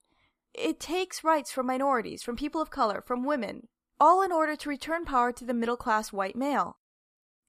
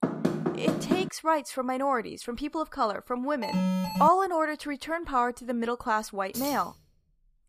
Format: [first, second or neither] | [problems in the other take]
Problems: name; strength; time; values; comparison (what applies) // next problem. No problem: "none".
first | door banging; loud; until 1 s; peak level with the speech // alarm; loud; at 3.5 s; peak 1 dB above the speech // jangling keys; noticeable; at 6.5 s; peak 8 dB below the speech